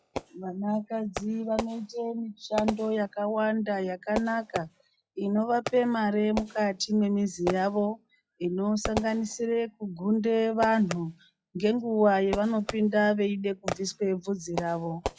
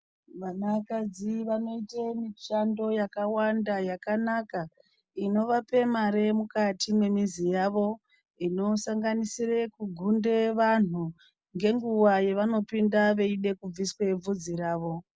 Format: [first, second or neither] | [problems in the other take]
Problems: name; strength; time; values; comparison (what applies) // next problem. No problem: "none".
second | noise reduction (classical method log-MMSE)